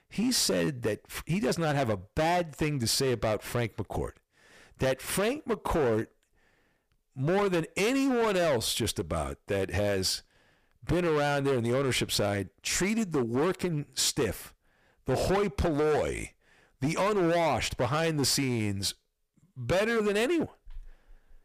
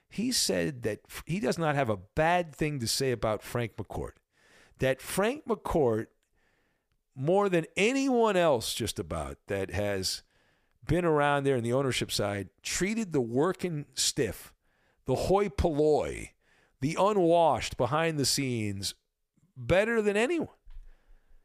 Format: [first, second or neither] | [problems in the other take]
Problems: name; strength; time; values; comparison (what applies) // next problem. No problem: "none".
second | distortion; heavy; 14% of the sound clipped